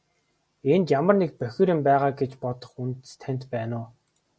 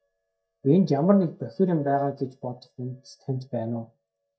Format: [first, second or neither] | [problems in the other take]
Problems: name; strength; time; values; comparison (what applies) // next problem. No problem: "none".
first | noise reduction (neural mask model DeepFilterNet 3)